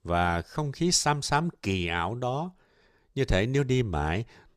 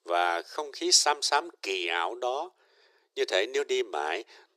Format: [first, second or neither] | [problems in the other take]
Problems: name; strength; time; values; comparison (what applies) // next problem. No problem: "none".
first | thin; very; fading below 350 Hz